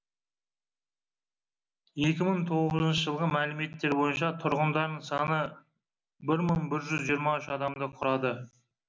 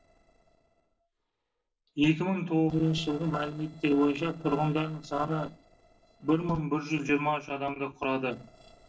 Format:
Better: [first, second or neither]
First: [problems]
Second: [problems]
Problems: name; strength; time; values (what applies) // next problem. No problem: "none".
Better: first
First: none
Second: noise reduction (neural separator model SepFormer DNS4)